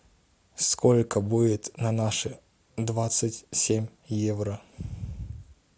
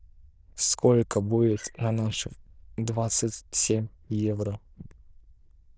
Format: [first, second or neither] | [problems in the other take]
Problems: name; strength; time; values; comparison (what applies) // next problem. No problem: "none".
first | noise reduction (neural diffusion model UNIVERSE++)